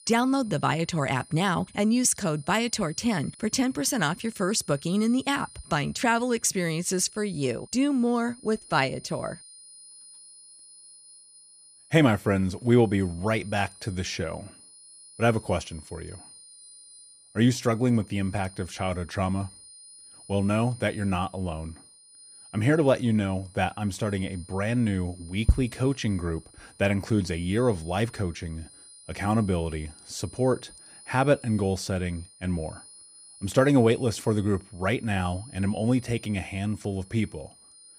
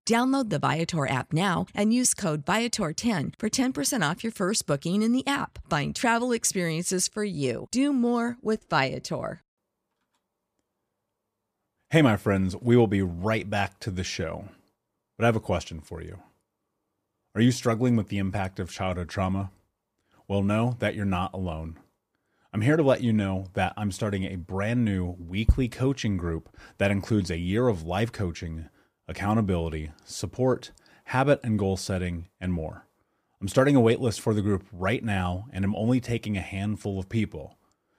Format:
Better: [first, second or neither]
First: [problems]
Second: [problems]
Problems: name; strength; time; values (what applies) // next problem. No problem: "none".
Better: second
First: high-pitched whine; faint; throughout; 9.5 kHz, 20 dB below the speech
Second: none